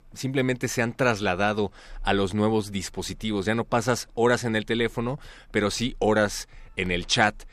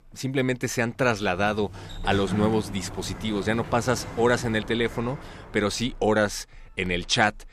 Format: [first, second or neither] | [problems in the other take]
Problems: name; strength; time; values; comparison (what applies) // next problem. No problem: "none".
first | door banging; noticeable; from 1.5 to 5.5 s; peak 5 dB below the speech